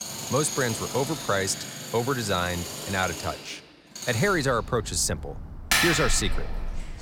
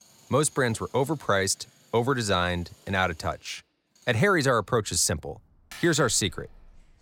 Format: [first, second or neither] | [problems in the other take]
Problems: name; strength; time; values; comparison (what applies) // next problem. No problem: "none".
second | machinery noise; loud; throughout; 4 dB below the speech; faint in the second